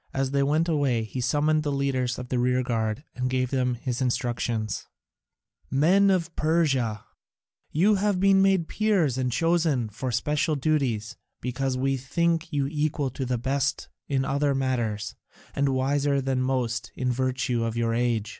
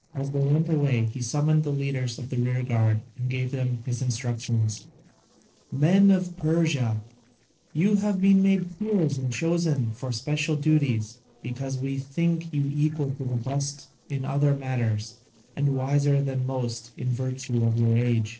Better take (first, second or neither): first